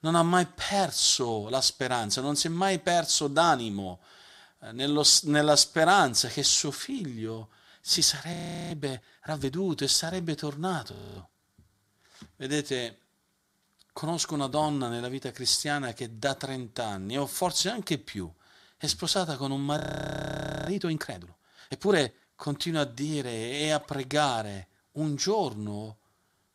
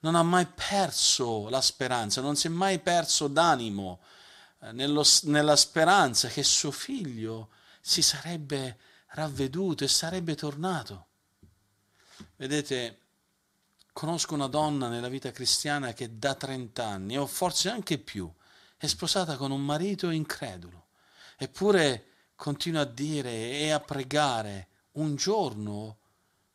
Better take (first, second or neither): second